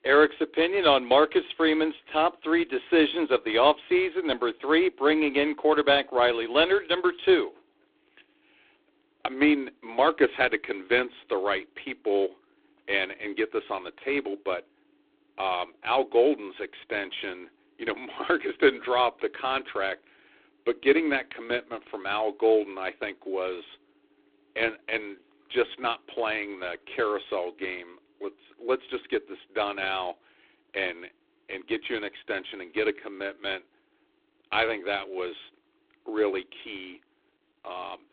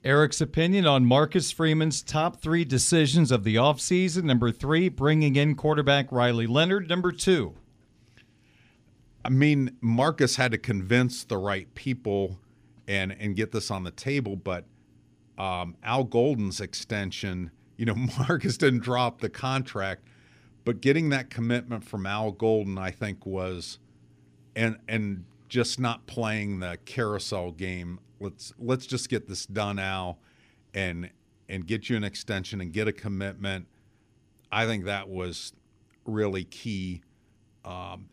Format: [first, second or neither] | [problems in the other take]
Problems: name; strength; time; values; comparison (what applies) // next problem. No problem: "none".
second | phone-call audio; poor line; nothing above 3.5 kHz